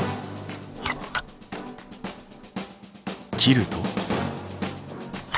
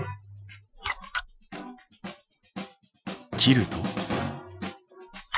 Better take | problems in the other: first | noise reduction (classical method Wiener filter)

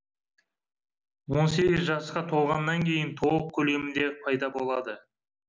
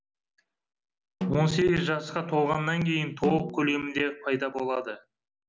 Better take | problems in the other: first | background sound (Snare drum); 10 dB below the speech

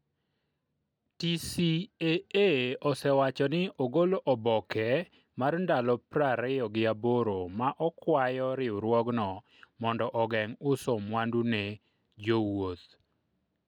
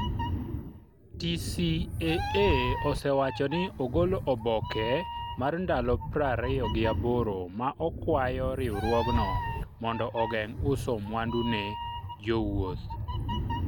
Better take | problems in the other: first | background sound (Meow); 3 dB below the speech

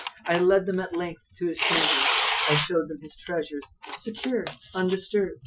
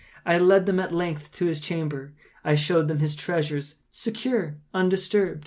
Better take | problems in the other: second | noise reduction (classical method Wiener filter)

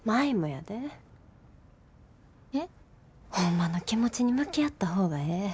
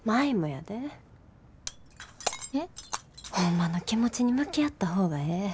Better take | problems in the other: first | background sound (Shatter); 13 dB below the speech

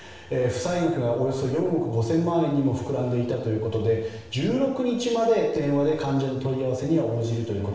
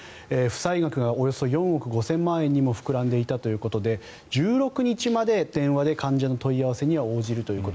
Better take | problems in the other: second | room echo; dies away in 0.8 s

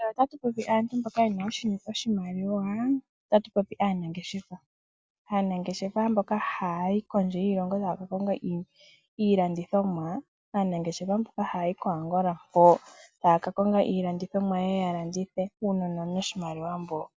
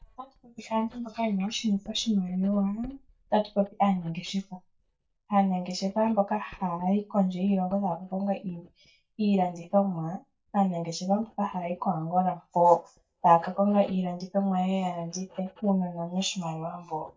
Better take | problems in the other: first | noise reduction (neural mask model DeepFilterNet 3)

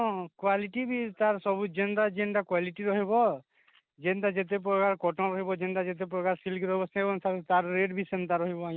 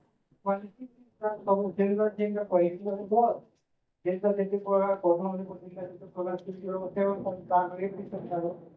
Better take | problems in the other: first | noise reduction (neural mask model DeepFilterNet 3)

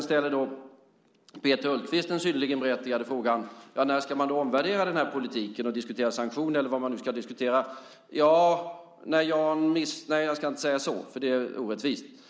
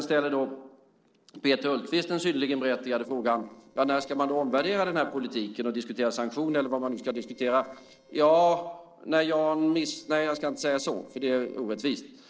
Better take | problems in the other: first | noise reduction (neural separator model SepFormer DNS4)

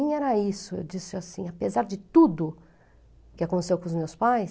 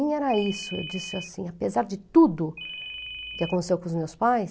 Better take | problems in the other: first | background sound (Ringtone); 11 dB below the speech

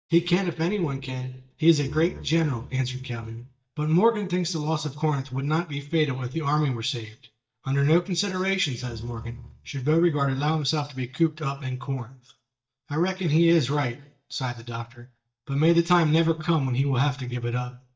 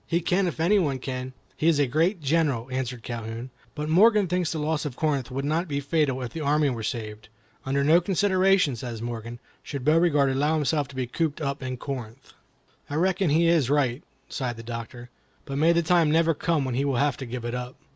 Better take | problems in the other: second | noise reduction (neural mask model DeepFilterNet 3)

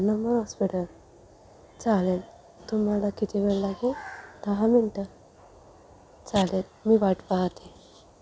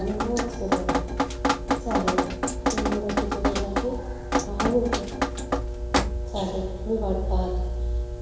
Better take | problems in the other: first | background sound (Drip); 4 dB above the speech // room echo; dies away in 1 s

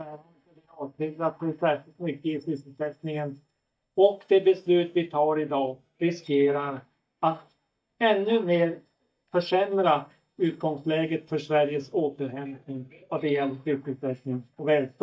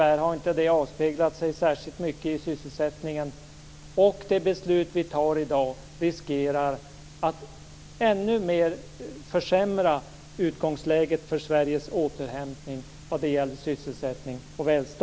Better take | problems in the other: second | noise reduction (neural mask model DeepFilterNet 3)

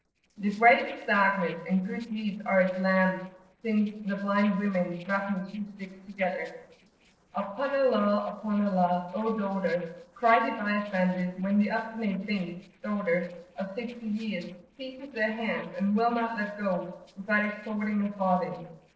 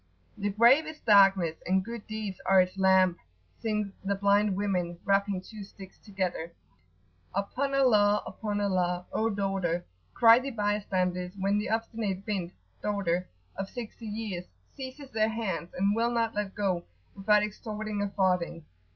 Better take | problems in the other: second | noise reduction (neural separator model SepFormer DNS4)

